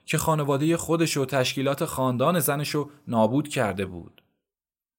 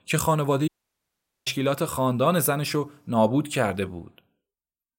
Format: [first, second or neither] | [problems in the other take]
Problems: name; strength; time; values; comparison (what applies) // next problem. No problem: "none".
first | audio cutting out; at 0.5 s for 1 s